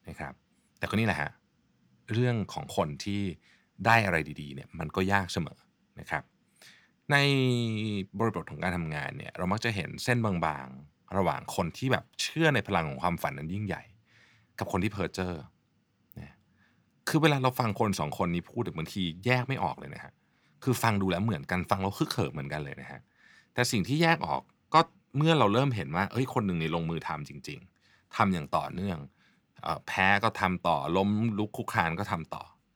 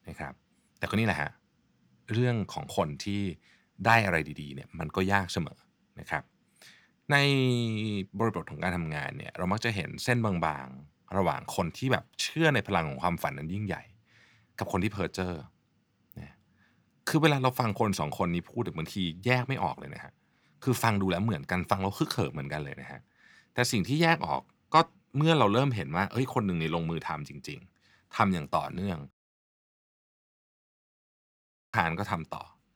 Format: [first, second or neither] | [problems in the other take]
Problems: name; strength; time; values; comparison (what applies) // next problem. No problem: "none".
first | audio cutting out; at 29 s for 2.5 s